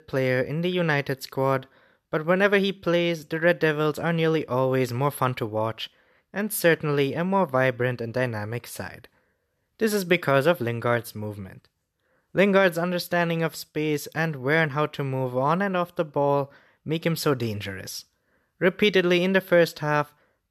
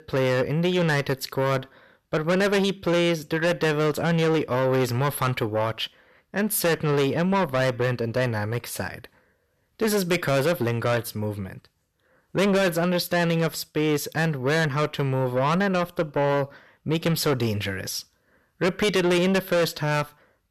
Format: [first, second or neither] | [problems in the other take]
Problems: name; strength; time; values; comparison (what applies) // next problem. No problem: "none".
first | distortion; heavy; 7 dB below the speech